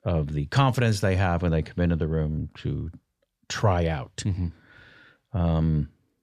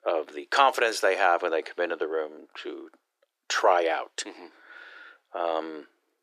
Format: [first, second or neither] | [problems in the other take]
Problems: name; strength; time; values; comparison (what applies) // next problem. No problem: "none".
first | thin; very; fading below 350 Hz